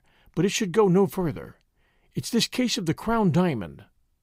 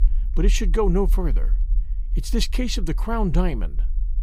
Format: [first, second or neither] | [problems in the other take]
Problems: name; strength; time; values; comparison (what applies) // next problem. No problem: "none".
first | low rumble; faint; throughout; 25 dB below the speech